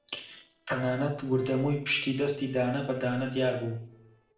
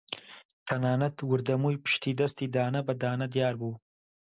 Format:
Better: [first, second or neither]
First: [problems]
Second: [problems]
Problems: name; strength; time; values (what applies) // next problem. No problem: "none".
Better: second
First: noise reduction (neural separator model SepFormer DNS4)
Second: none